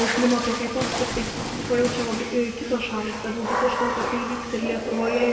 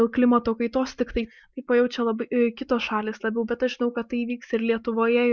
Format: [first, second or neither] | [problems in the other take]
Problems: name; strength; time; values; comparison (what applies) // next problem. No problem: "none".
second | background sound (Water / Splash, splatter); 3 dB below the speech // room echo; dies away in 2.2 s